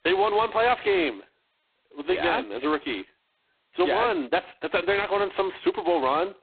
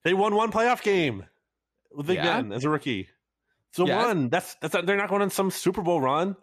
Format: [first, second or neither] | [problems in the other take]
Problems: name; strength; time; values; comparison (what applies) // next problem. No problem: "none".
second | phone-call audio; poor line; nothing above 4 kHz